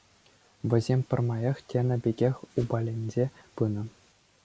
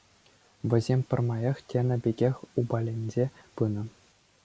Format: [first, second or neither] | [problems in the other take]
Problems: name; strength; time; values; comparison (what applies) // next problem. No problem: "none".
second | background sound (Whoosh, swoosh, swish); 17 dB below the speech